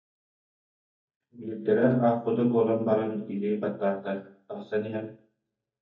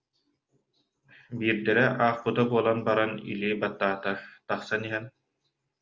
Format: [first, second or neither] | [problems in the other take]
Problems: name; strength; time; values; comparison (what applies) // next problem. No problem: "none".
second | noise reduction (neural mask model DeepFilterNet 3)